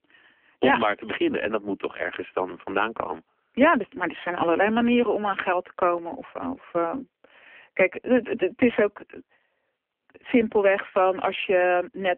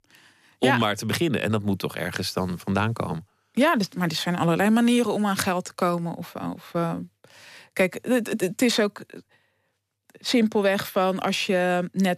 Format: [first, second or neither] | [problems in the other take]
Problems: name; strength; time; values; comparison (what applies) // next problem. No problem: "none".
second | phone-call audio; poor line; nothing above 3 kHz